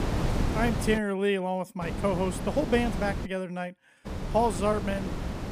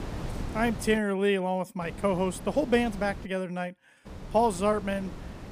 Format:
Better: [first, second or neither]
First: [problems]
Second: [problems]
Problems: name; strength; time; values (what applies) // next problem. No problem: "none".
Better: second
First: wind noise on the microphone; heavy; at the start, from 2 to 3.5 s and from 4 s on; 8 dB below the speech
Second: wind noise on the microphone; occasional gusts; at the start, from 2 to 3.5 s and from 4 s on; 15 dB below the speech